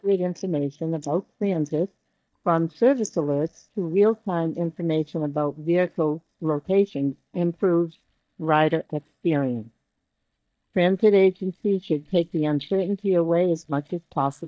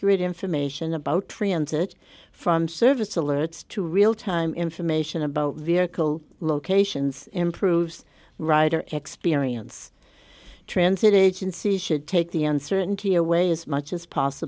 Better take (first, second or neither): second